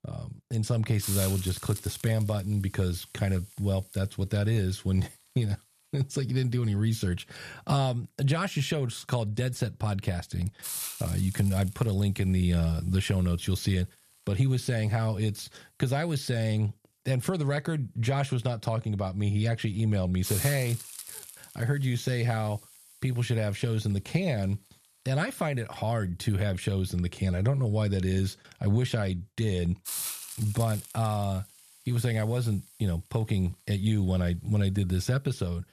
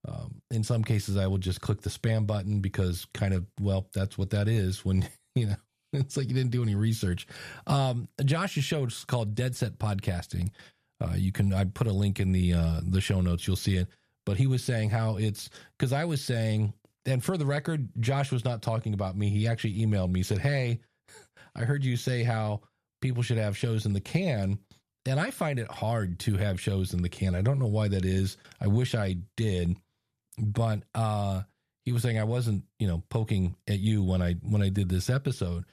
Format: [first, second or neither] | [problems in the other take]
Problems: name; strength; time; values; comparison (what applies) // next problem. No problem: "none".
second | hiss; loud; throughout; 10 dB below the speech